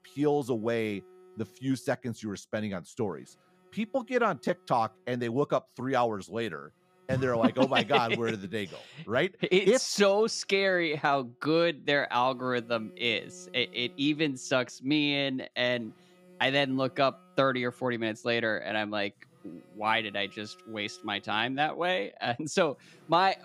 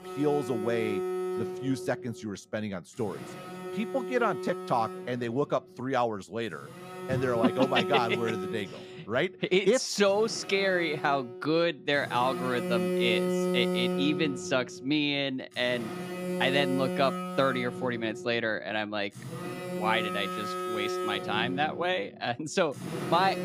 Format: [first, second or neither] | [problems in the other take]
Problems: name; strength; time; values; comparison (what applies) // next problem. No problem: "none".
first | alarms or sirens; loud; throughout; 5 dB below the speech; faint in the first